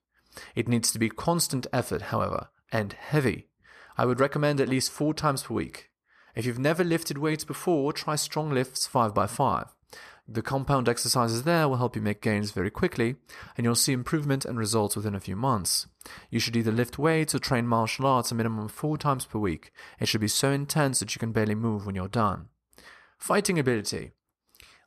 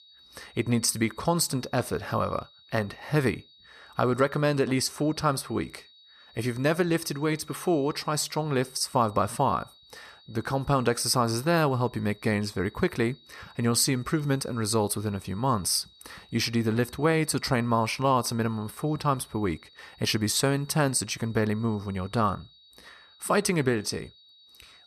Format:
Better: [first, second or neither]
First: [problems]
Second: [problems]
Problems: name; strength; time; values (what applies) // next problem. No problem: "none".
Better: first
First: none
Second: high-pitched whine; faint; throughout; 4 kHz, 25 dB below the speech